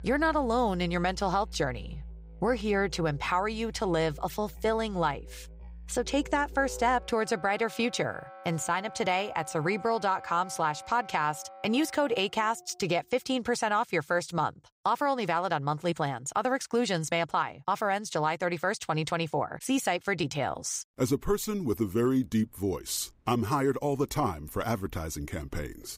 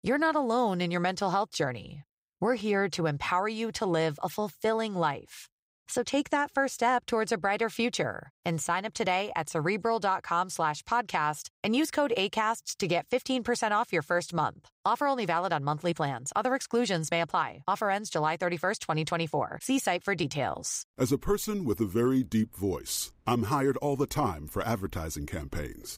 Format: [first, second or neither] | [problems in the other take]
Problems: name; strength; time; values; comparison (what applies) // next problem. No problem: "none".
second | background music; noticeable; until 14 s; 15 dB below the speech